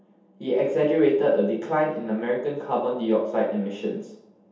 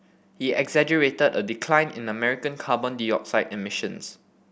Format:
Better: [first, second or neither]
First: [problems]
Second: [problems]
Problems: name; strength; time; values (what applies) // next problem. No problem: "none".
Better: second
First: room echo; dies away in 0.7 s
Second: none